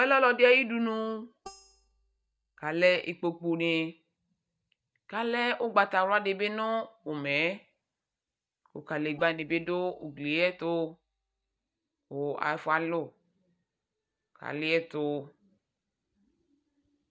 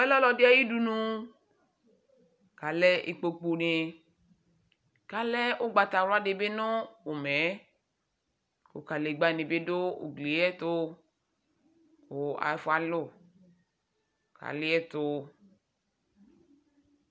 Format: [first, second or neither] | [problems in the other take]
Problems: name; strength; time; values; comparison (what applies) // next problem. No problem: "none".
second | noise reduction (neural mask model DeepFilterNet 3)